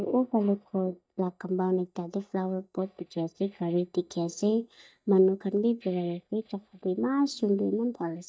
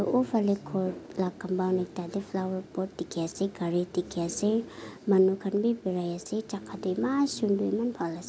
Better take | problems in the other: second | noise reduction (neural mask model DeepFilterNet 3)

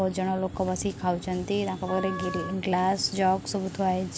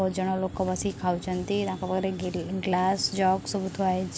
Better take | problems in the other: second | background sound (Wind instrument, woodwind instrument); 12 dB below the speech

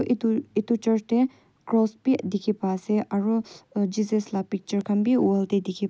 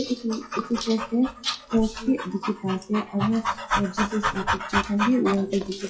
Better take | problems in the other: first | noise reduction (classical method WPE with log-MMSE)

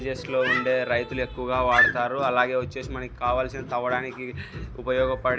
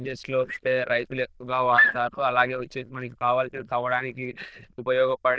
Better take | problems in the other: first | noise reduction (neural diffusion model UNIVERSE++)

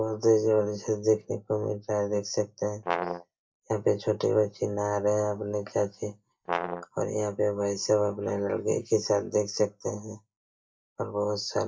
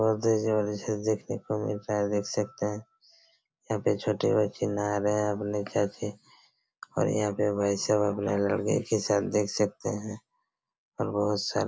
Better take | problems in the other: second | noise reduction (neural mask model DeepFilterNet 3)

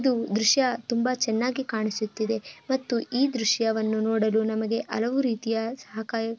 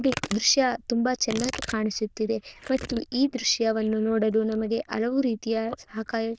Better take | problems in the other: first | noise reduction (neural diffusion model UNIVERSE++)

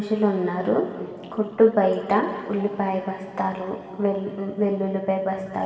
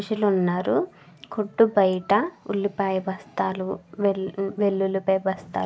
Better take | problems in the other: second | room echo; dies away in 2.4 s

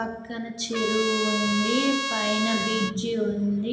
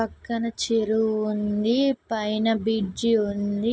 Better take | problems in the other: second | background sound (Trumpet); 3 dB below the speech // room echo; dies away in 0.8 s

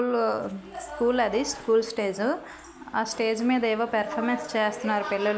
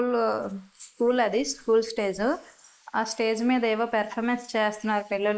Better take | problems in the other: first | noise reduction (neural mask model Resemble Enhance denoiser)

